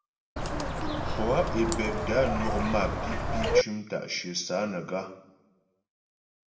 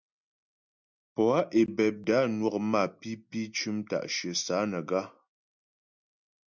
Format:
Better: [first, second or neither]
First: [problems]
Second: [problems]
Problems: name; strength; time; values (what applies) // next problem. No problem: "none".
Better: second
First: background sound (Bird); 3 dB above the speech // room echo; dies away in 0.7 s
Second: none